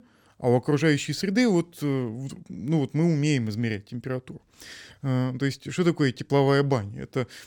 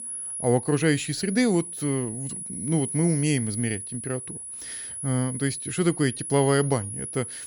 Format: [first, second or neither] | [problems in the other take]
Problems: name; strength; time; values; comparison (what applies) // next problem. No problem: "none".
first | high-pitched whine; loud; throughout; 10.5 kHz, 7 dB below the speech